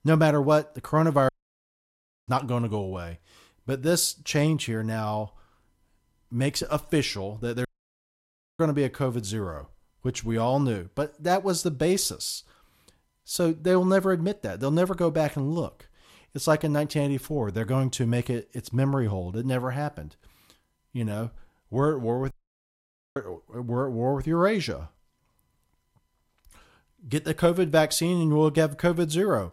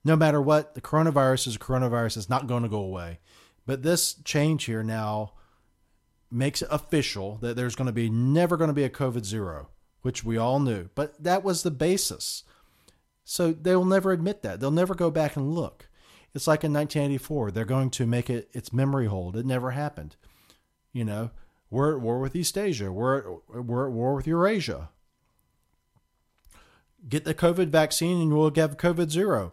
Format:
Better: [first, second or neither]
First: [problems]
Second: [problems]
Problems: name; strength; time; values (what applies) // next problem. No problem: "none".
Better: second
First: audio cutting out; at 1.5 s for 1 s, at 7.5 s for 1 s and at 22 s for 1 s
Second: none